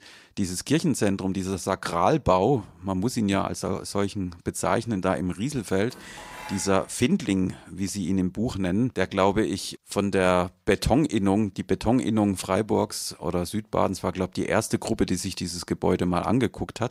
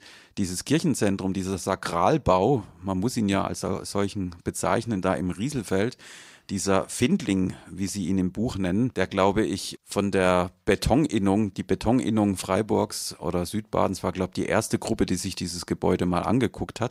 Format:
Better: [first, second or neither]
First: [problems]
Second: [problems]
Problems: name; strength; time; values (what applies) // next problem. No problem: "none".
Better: second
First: clattering dishes; faint; at 6 s; peak 15 dB below the speech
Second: none